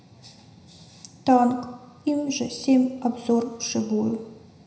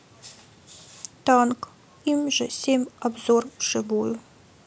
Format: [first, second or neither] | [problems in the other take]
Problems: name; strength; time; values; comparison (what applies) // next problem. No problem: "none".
second | room echo; dies away in 0.9 s